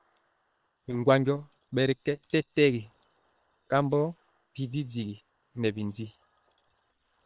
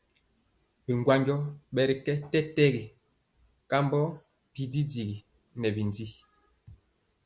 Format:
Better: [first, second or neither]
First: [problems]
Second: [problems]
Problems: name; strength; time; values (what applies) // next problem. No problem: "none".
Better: second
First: noise reduction (neural separator model SepFormer WHAM!)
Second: none